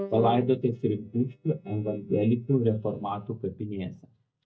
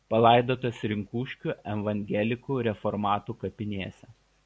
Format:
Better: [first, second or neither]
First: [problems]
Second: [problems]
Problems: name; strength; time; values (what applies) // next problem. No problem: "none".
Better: second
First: noise reduction (neural mask model DeepFilterNet 3)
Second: none